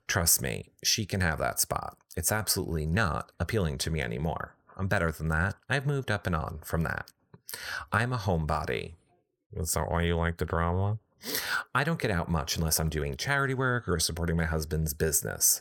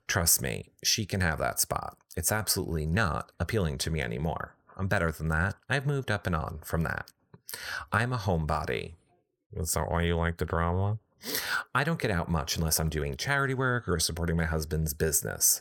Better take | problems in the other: neither | none

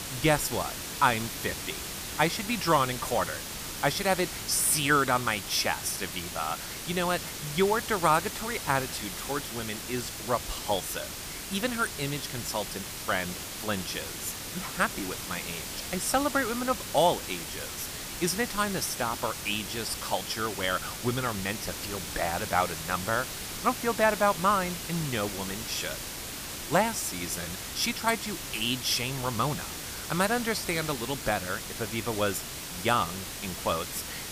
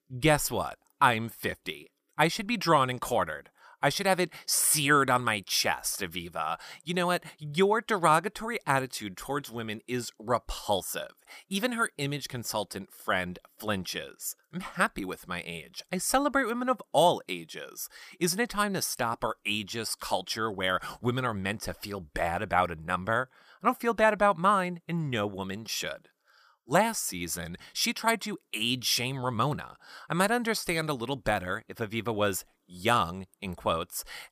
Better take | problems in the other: second | hiss; loud; throughout; 6 dB below the speech

